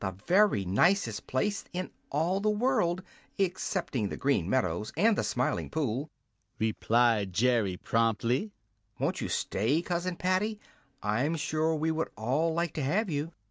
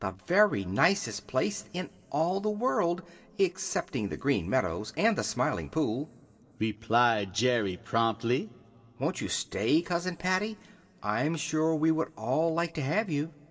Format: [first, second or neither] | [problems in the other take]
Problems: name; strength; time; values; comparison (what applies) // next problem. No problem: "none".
first | room echo; dies away in 0.4 s